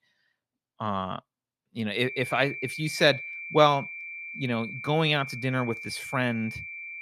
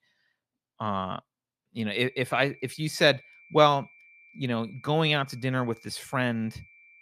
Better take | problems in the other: second | high-pitched whine; loud; from 2 s on; 2.5 kHz, 9 dB below the speech; faint in the second

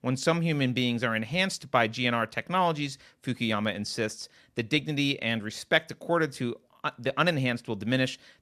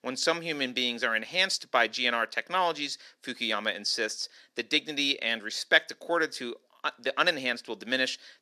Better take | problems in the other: first | thin; somewhat; fading below 300 Hz

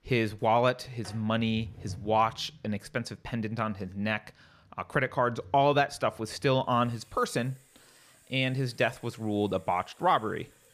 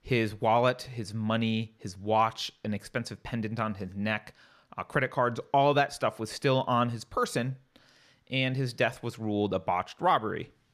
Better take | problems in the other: second | household noises; faint; throughout; 25 dB below the speech

